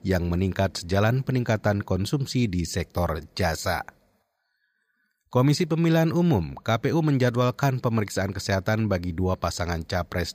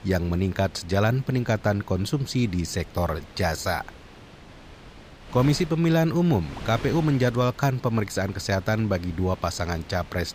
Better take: first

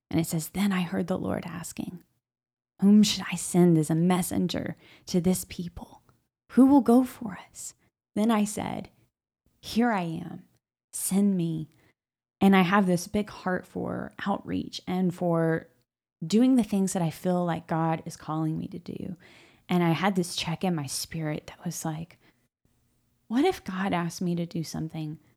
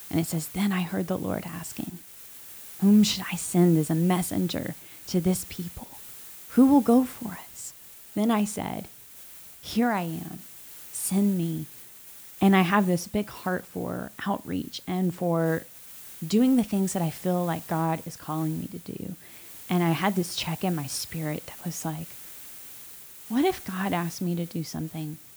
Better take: first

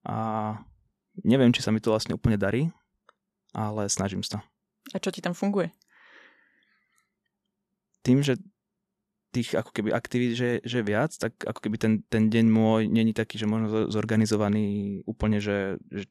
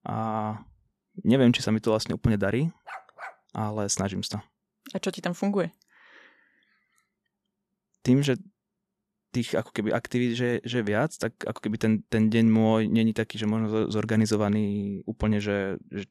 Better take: first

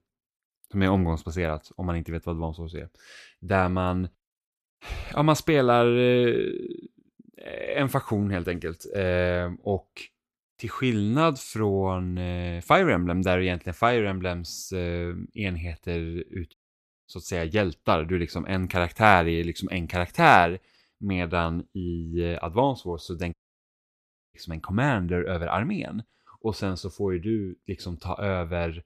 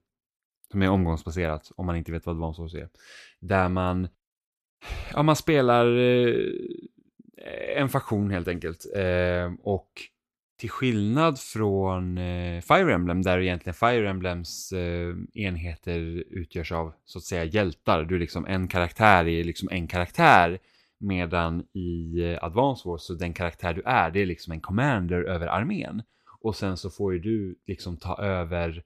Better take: second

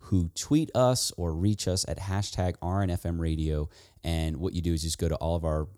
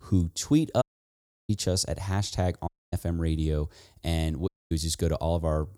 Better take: first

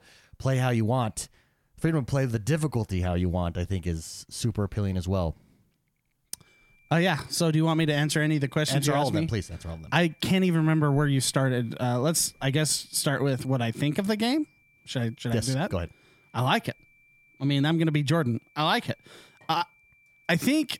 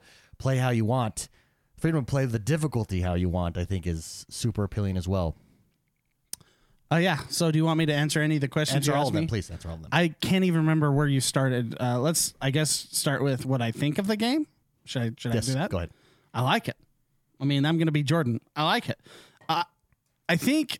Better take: second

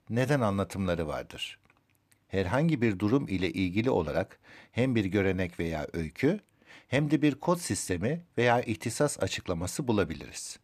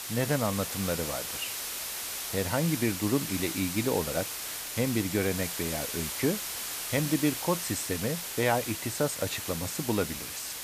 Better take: first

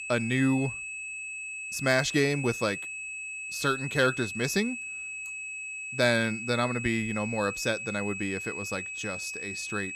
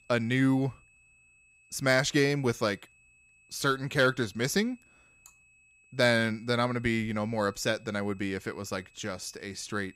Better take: second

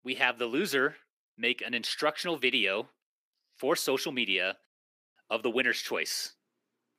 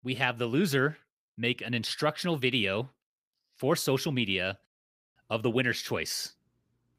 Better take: second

